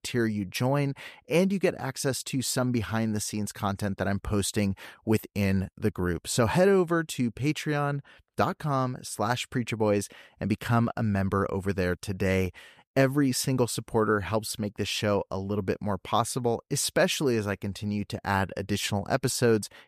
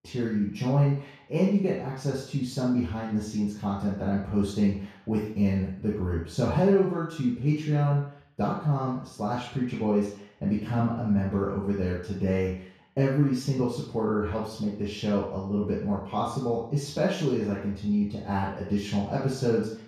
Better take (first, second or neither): first